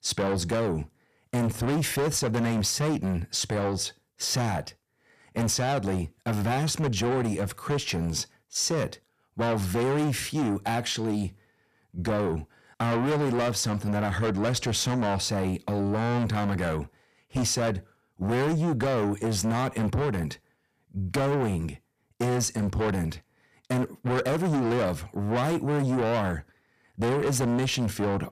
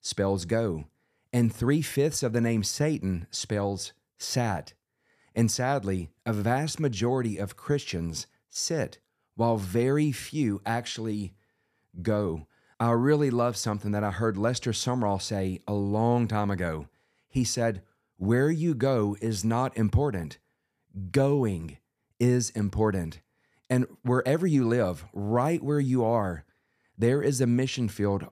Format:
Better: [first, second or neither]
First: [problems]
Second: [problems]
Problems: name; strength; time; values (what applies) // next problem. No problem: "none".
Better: second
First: distortion; heavy; 5 dB below the speech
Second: none